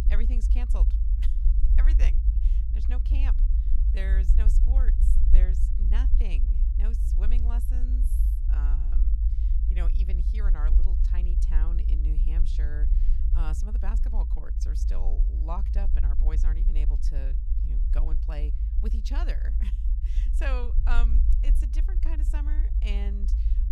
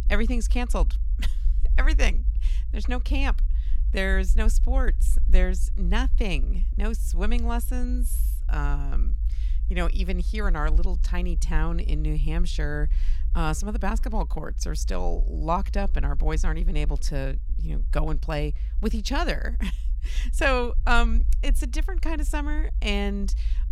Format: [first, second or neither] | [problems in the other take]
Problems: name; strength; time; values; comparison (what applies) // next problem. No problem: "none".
second | low rumble; loud; throughout; 5 dB below the speech; faint in the second